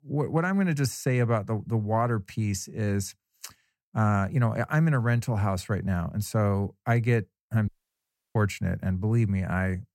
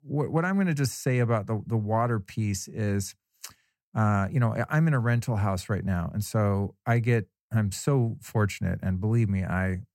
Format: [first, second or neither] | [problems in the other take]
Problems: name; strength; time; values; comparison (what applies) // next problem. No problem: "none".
second | audio cutting out; at 7.5 s for 0.5 s